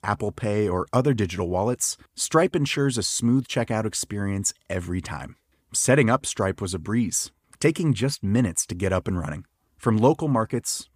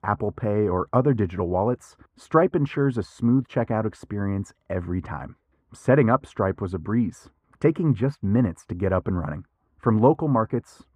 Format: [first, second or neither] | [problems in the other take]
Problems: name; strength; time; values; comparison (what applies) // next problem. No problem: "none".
first | muffled; very; fading above 2.5 kHz